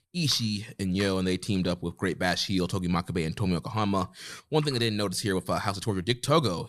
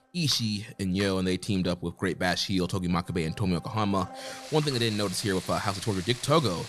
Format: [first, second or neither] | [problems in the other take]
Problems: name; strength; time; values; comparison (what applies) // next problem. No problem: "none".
first | household noises; noticeable; throughout; 15 dB below the speech